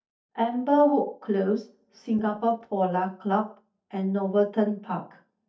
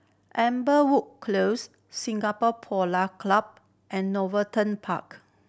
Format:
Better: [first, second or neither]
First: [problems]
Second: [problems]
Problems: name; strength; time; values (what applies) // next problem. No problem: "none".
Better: second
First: noise reduction (neural mask model DeepFilterNet 3)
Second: none